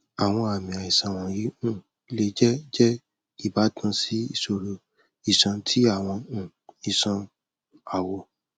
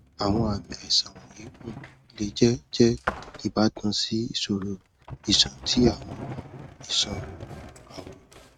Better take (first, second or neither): first